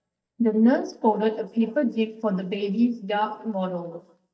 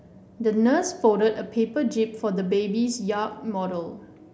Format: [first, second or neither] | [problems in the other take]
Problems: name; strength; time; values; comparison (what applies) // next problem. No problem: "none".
second | noise reduction (neural mask model DeepFilterNet 3)